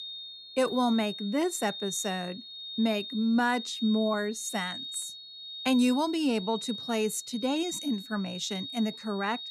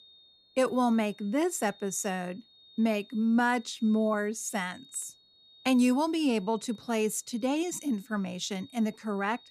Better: second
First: high-pitched whine; loud; throughout; 3.5 kHz, 9 dB below the speech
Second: high-pitched whine; faint; throughout; 3.5 kHz, 25 dB below the speech

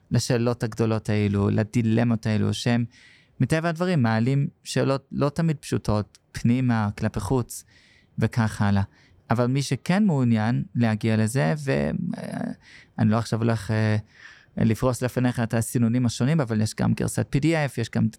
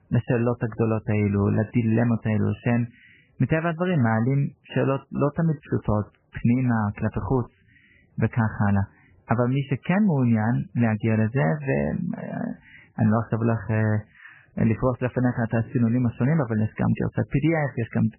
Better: first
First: none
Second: garbled, watery; badly; nothing above 3 kHz

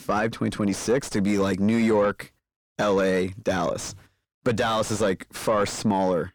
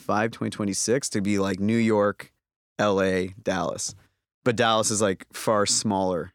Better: second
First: distortion; heavy; 7 dB below the speech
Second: none

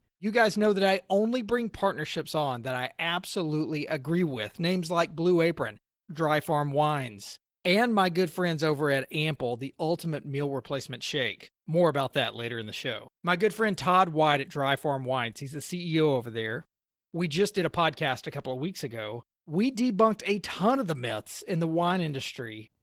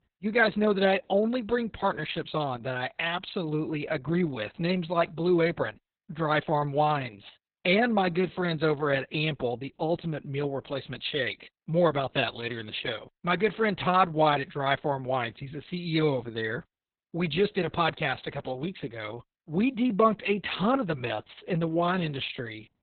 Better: first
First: garbled, watery; slightly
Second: garbled, watery; badly; nothing above 4 kHz

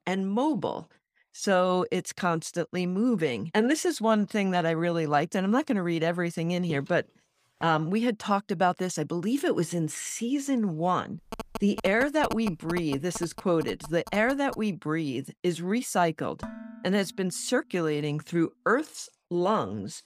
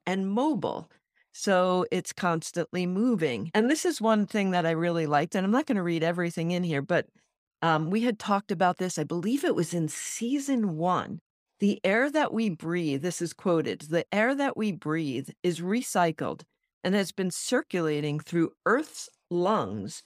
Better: second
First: footsteps; faint; at 6.5 s; peak 15 dB below the speech // phone ringing; noticeable; from 11 to 15 s; peak 8 dB below the speech // clattering dishes; faint; at 16 s; peak 15 dB below the speech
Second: none

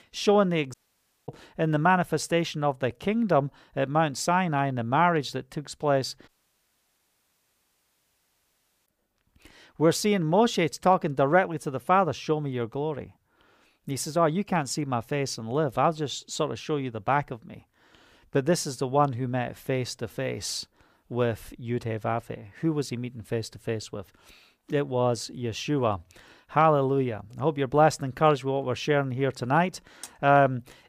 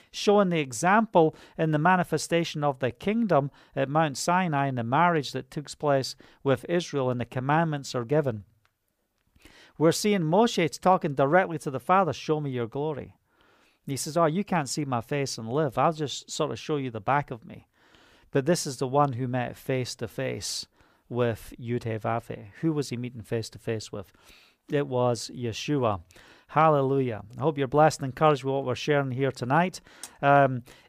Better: second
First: audio cutting out; at 0.5 s for 0.5 s and at 6.5 s for 2.5 s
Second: none

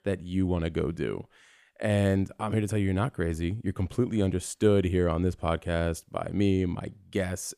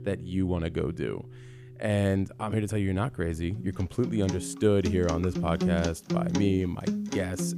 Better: first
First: none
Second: background music; loud; throughout; 5 dB below the speech

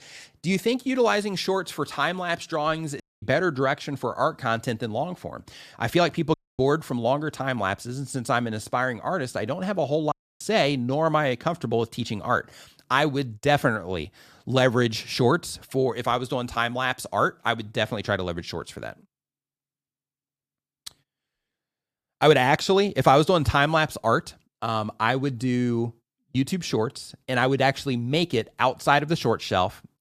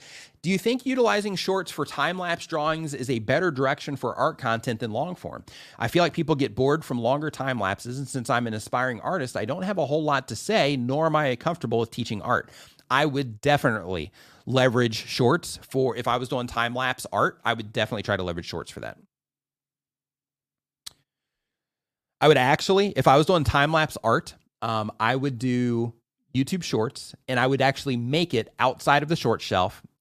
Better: second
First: audio cutting out; at 3 s, at 6.5 s and at 10 s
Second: none

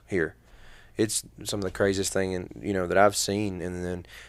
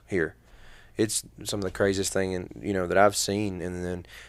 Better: neither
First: none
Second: none

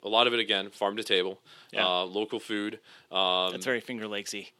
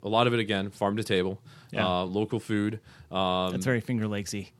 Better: second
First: thin; somewhat; fading below 400 Hz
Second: none

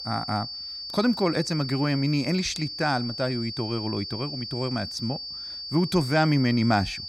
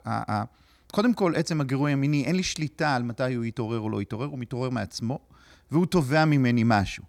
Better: second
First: high-pitched whine; loud; throughout; 4.5 kHz, 7 dB below the speech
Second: none

